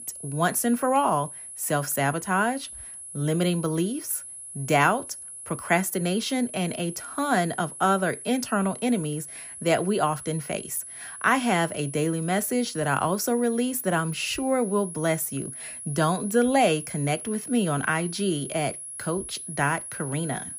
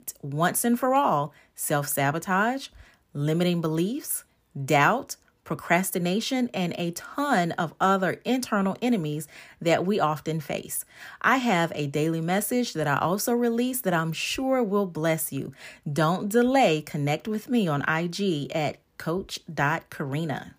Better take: second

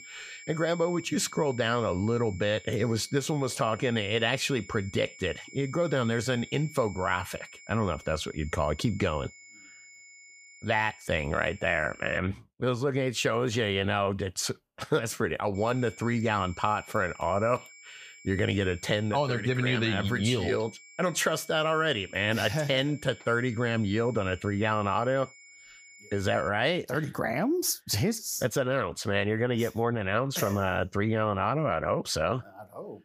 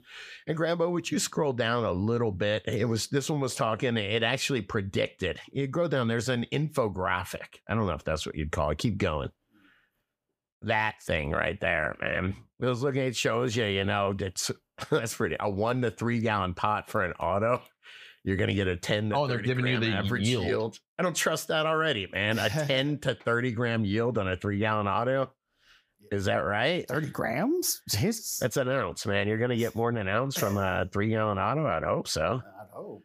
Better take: second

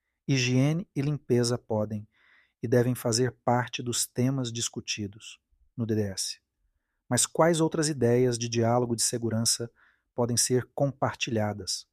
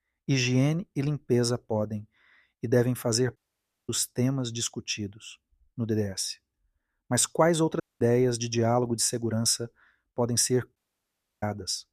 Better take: first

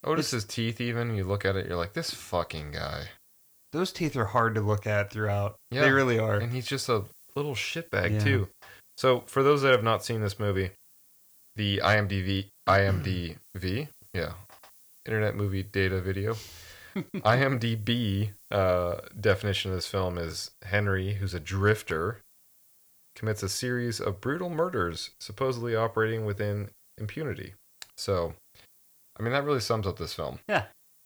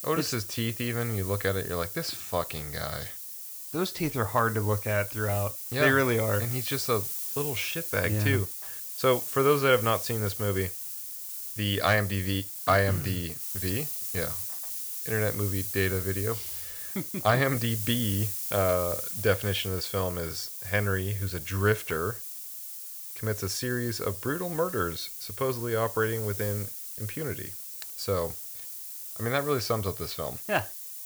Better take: first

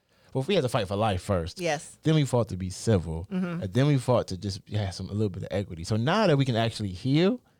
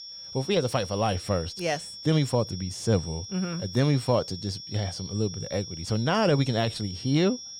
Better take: first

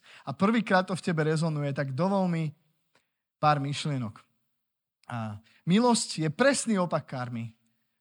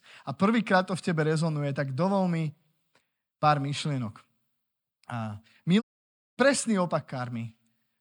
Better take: first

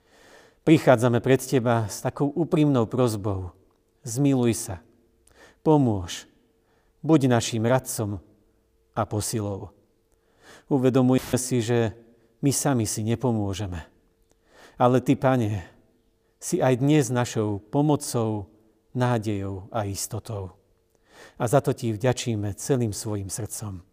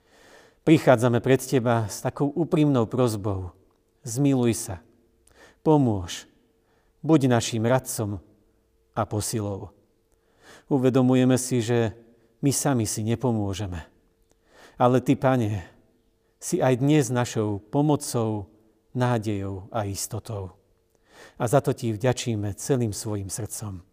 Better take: second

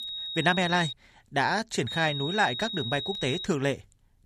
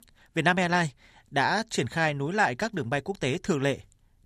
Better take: second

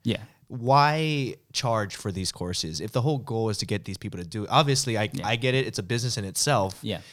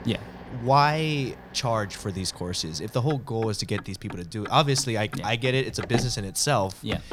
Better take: first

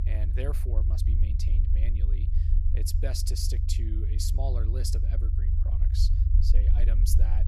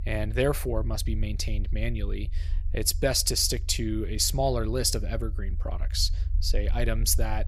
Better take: second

